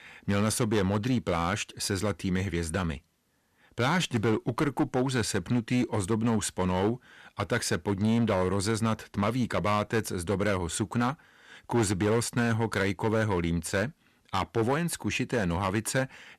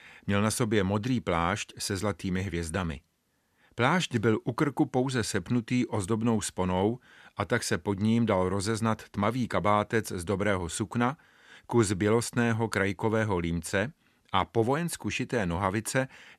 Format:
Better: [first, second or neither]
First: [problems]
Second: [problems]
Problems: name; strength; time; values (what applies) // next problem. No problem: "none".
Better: second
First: distortion; slight; 9% of the sound clipped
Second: none